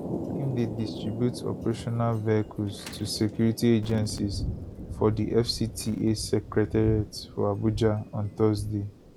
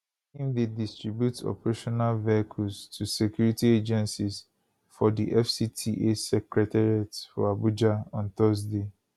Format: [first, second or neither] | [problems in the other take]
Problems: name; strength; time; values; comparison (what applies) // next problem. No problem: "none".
second | background sound (Thunder); 9 dB below the speech